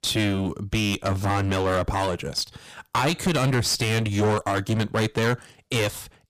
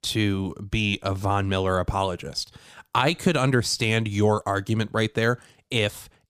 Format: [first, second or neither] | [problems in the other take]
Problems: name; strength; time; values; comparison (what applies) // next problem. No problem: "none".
second | distortion; heavy; 14% of the sound clipped